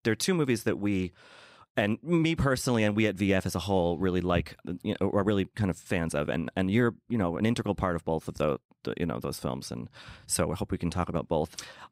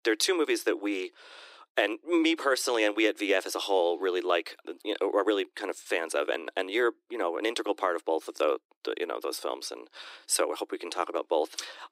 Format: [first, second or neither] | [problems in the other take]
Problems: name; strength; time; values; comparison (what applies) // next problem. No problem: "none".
first | thin; very; fading below 300 Hz